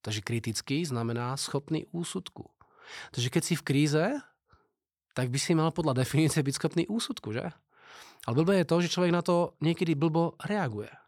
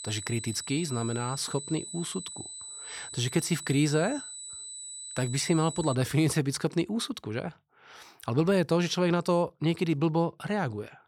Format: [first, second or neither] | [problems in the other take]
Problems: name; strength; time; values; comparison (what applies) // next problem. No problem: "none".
first | high-pitched whine; loud; until 6 s; 8 kHz, 10 dB below the speech